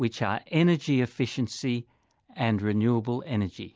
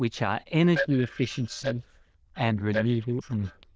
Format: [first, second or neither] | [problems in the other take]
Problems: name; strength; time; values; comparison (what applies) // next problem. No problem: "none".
first | noise reduction (neural diffusion model UNIVERSE++)